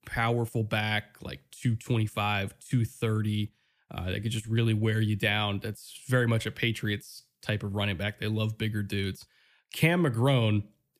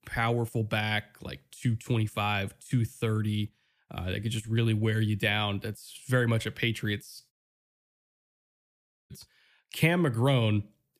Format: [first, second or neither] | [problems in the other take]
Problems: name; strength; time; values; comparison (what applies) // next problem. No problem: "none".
first | audio cutting out; at 7.5 s for 2 s